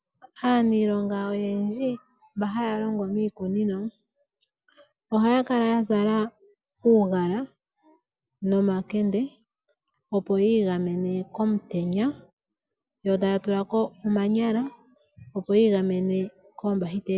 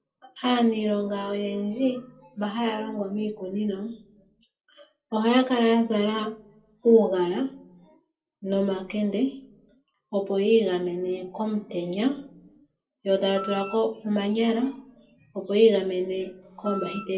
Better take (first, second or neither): first